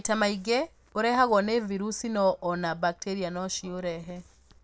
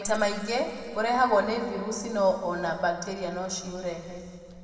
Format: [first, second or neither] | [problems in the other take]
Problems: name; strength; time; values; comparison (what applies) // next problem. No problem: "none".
first | room echo; dies away in 2.2 s